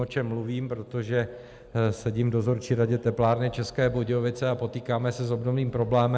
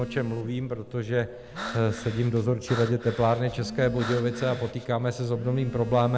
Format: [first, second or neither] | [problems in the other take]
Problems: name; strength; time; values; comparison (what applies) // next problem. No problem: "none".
first | background sound (Telephone + Breathing); 12 dB below the speech